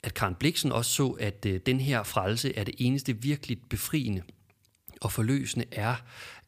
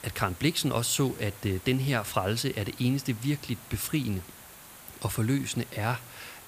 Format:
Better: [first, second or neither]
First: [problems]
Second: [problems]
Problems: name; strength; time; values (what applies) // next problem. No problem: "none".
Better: first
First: none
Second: hiss; noticeable; throughout; 15 dB below the speech